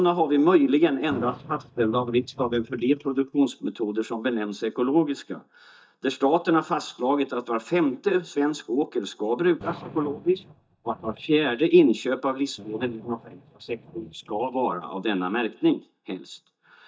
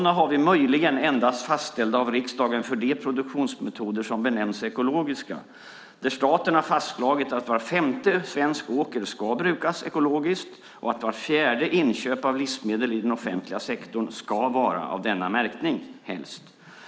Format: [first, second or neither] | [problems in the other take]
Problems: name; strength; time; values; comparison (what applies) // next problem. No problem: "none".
second | noise reduction (neural mask model DeepFilterNet 3)